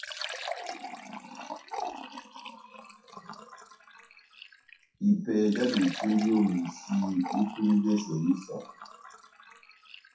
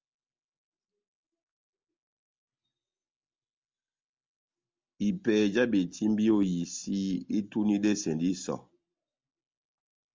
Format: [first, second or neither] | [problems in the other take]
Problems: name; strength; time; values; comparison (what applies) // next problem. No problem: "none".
second | noise reduction (classical method WPE with log-MMSE)